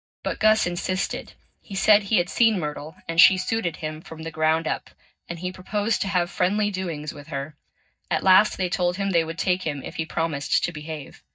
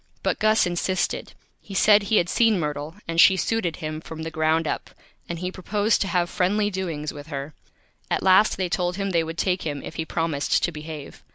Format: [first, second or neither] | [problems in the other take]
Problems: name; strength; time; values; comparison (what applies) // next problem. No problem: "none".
second | noise reduction (neural mask model DeepFilterNet 3)